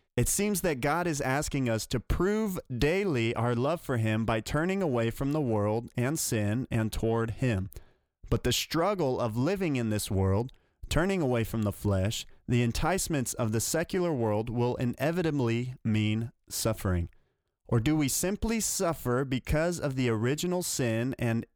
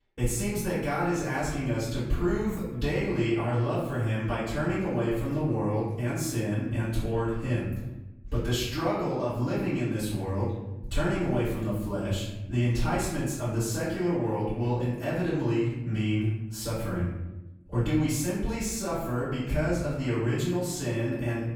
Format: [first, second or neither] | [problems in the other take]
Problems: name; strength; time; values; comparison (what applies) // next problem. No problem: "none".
first | room echo; noticeable; dies away in 1 s // off-mic speech; far